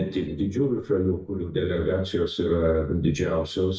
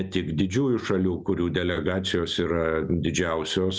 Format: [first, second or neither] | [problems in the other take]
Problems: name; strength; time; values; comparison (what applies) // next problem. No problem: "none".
second | noise reduction (neural mask model DeepFilterNet 3)